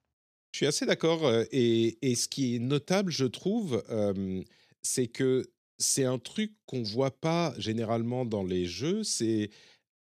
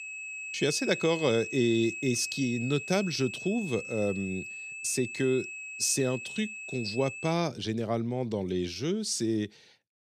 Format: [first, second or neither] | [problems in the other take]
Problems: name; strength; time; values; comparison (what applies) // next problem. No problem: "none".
first | high-pitched whine; loud; until 7.5 s; 2.5 kHz, 8 dB below the speech